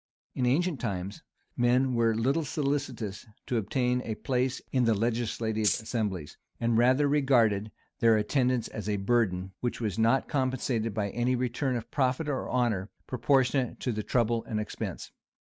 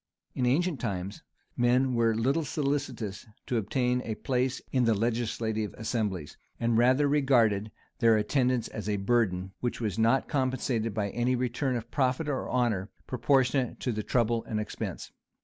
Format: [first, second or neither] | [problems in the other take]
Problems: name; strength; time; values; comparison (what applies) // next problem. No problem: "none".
second | noise reduction (neural mask model RNNoise)